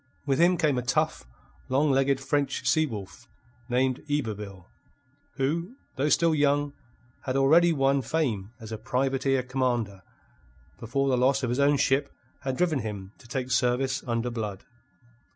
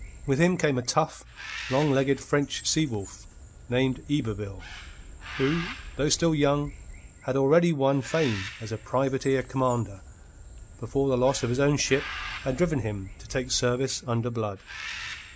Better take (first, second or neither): first